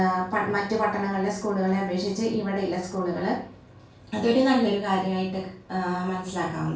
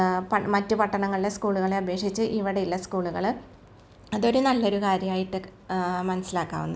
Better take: second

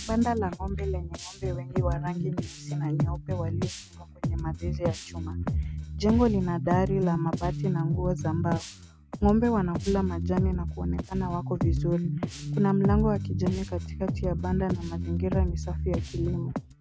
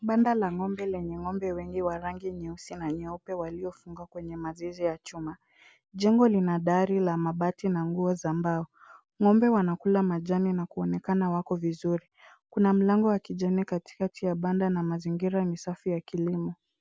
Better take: second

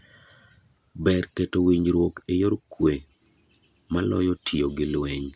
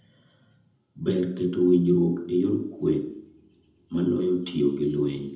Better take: first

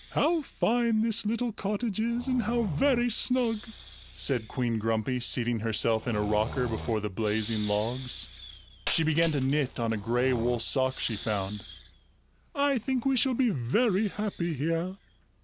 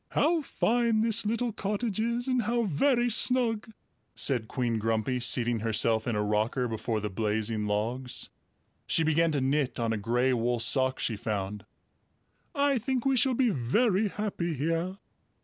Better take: second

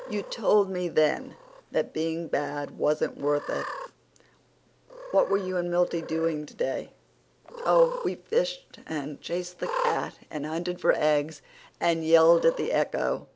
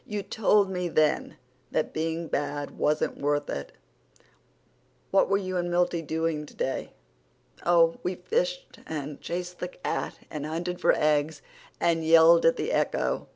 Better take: second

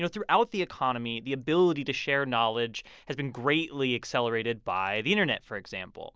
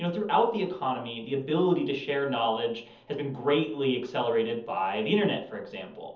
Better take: first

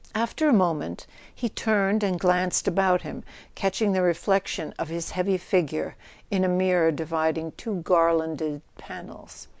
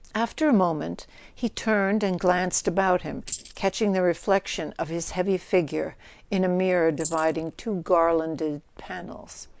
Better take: first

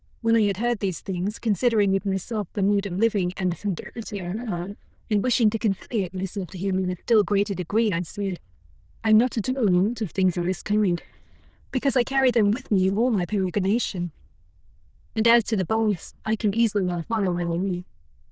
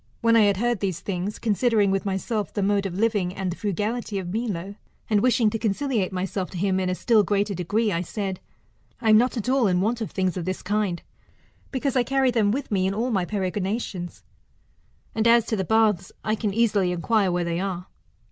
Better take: second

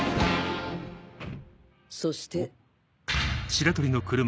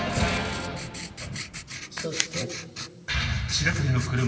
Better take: first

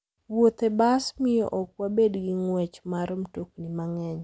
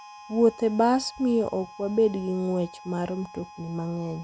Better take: first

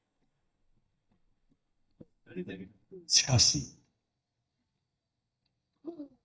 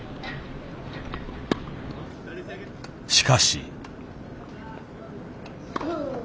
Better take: second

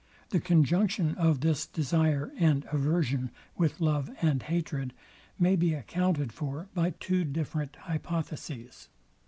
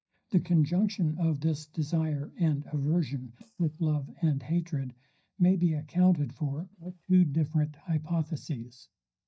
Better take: first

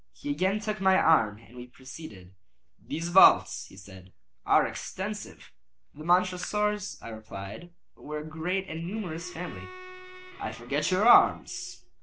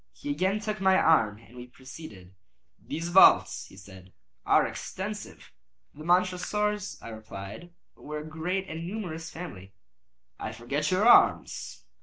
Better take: second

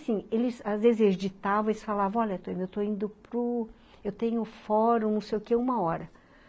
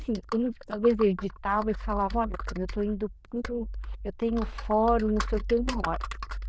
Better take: first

